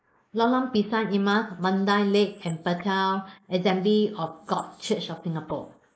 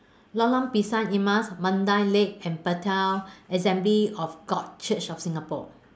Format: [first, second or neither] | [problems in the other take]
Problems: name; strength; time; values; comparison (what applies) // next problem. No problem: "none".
second | noise reduction (neural mask model Resemble Enhance denoiser)